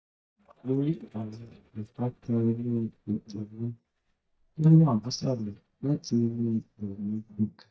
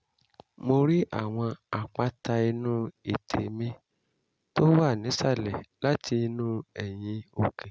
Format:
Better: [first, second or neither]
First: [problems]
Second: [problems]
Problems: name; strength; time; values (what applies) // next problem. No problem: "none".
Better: second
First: noise reduction (neural mask model DeepFilterNet 3)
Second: none